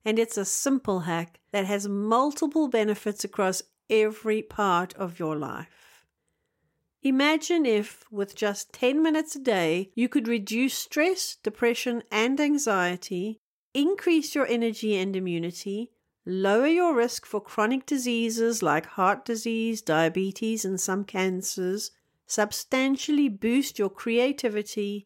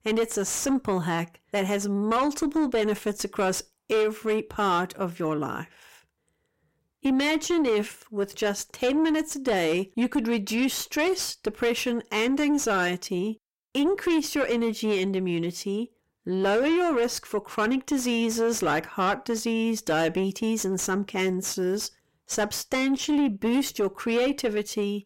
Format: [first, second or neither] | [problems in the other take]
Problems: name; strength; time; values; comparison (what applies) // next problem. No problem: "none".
first | distortion; slight; 9 dB below the speech